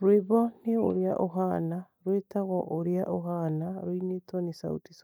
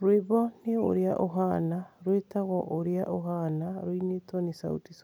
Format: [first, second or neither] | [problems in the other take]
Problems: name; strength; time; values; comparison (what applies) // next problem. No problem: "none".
second | noise reduction (neural mask model DeepFilterNet 3)